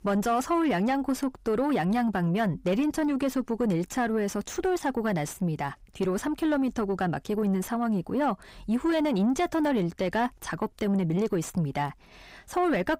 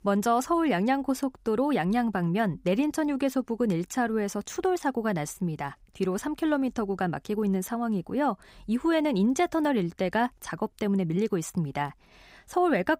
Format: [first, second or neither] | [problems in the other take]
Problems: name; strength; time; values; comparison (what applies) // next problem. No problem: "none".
second | distortion; slight; 10 dB below the speech